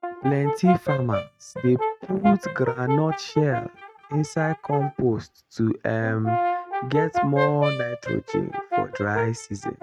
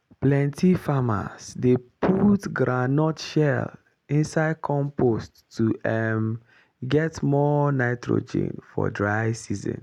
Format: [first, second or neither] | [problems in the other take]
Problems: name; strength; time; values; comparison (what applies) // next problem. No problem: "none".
second | noise reduction (neural mask model RNNoise)